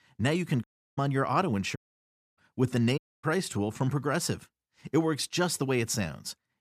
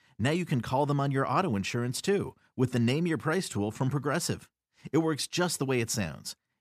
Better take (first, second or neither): second